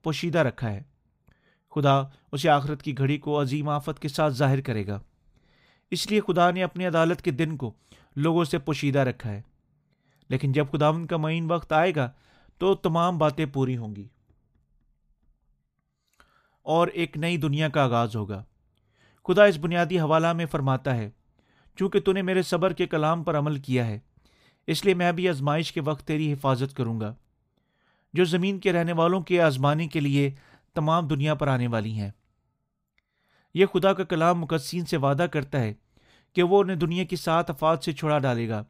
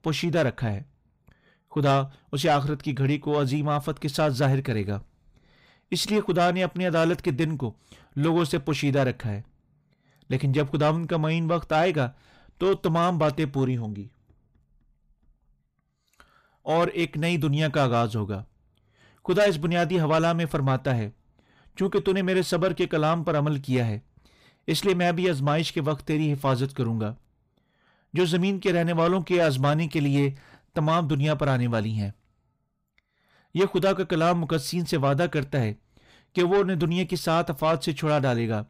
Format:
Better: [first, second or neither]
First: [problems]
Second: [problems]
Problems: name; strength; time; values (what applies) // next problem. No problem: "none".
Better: first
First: none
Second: distortion; slight; 10 dB below the speech